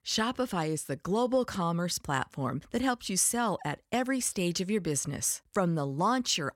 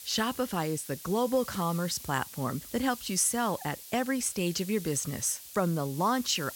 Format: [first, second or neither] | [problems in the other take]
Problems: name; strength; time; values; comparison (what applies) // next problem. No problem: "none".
first | hiss; noticeable; throughout; 15 dB below the speech